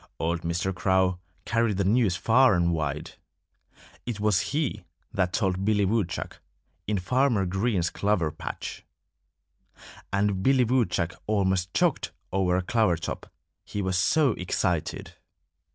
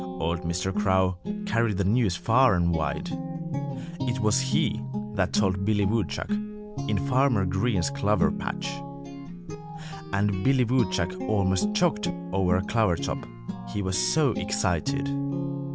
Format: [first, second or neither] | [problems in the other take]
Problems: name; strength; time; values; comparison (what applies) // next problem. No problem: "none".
first | background sound (Guitar); 5 dB below the speech